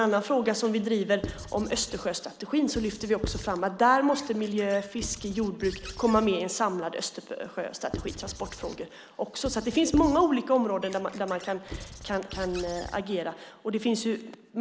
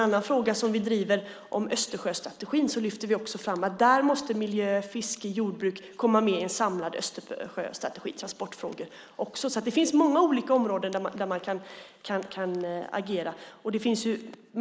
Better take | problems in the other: second | background sound (Squeak / Writing); 14 dB below the speech

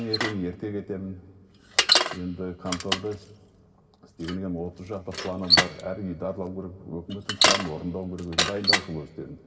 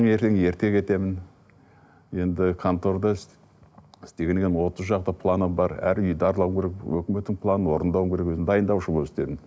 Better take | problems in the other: second | background sound (Bicycle); 5 dB above the speech // room echo; dies away in 2.8 s

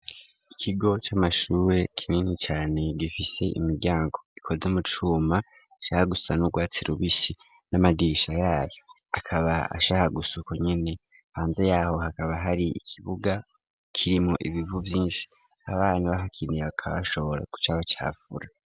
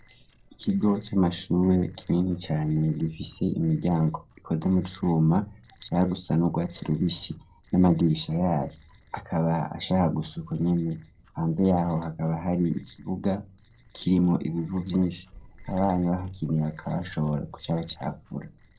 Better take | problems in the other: first | noise reduction (neural separator model SepFormer DNS4)

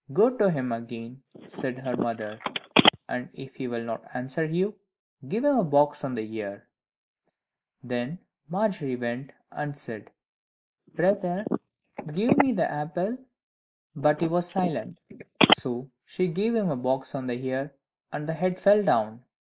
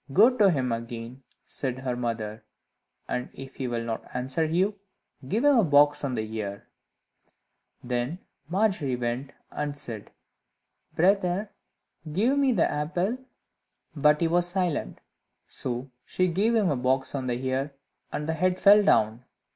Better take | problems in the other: second | noise reduction (neural mask model Resemble Enhance denoiser)

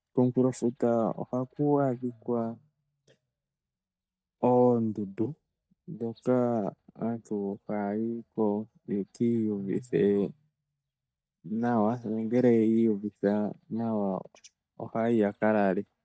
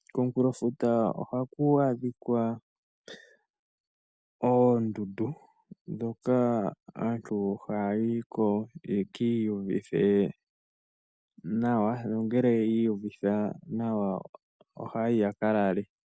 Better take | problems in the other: second | noise reduction (neural mask model DeepFilterNet 3)

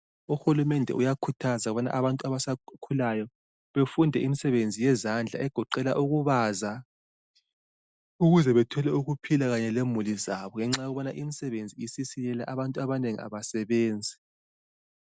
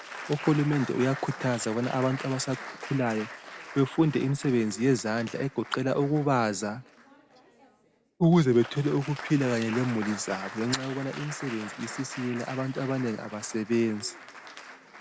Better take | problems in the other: first | background sound (Applause); 14 dB below the speech

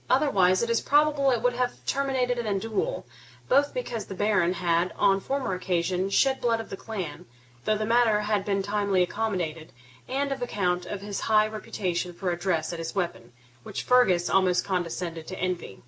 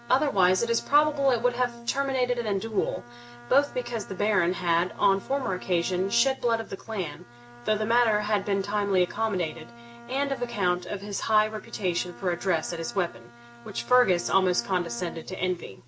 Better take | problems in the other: first | background sound (Bowed string instrument); 20 dB below the speech

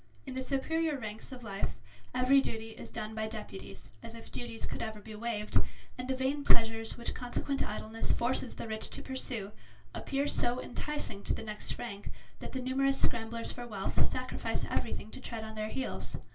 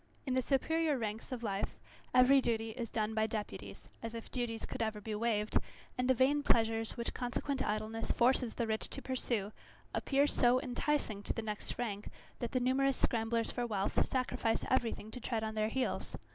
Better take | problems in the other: second | room echo; dies away in 0.2 s

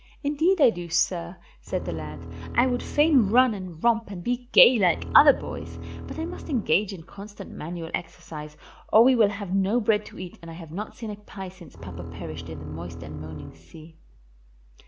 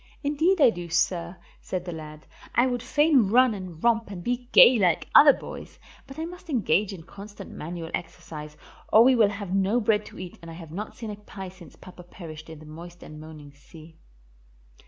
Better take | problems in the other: second | background sound (Bowed string instrument); 11 dB below the speech

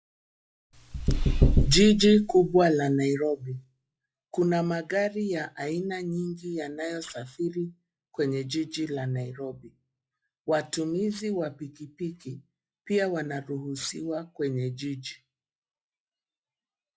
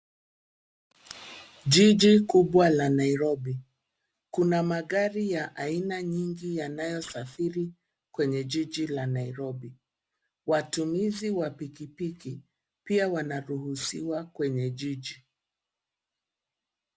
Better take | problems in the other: second | noise reduction (classical method log-MMSE)

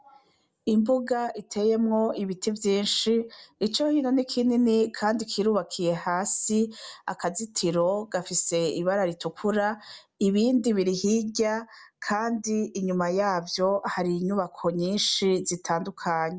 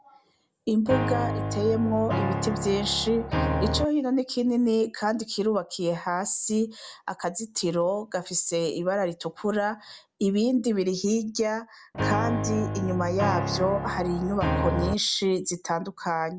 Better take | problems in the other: first | background sound (Piano); 1 dB below the speech

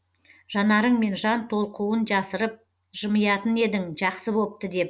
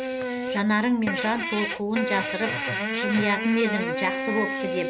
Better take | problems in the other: first | background sound (Fart); 2 dB below the speech

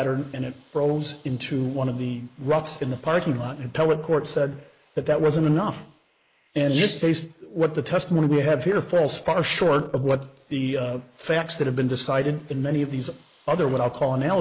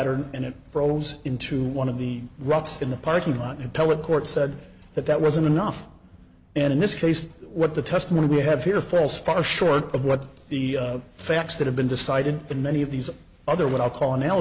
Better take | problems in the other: second | noise reduction (neural mask model Resemble Enhance denoiser)

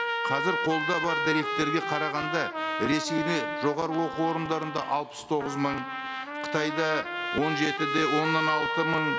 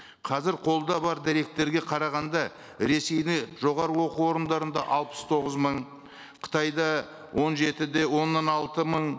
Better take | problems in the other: second | background sound (Trumpet); 2 dB below the speech

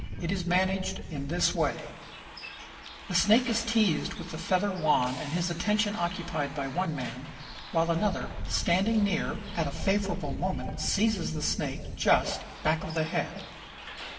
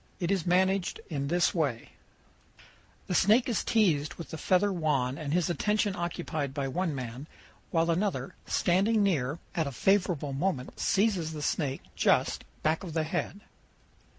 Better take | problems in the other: second | background sound (Bus); 10 dB below the speech // room echo; dies away in 1.7 s

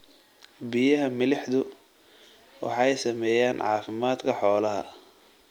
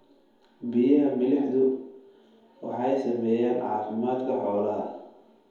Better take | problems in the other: first | room echo; dies away in 0.9 s

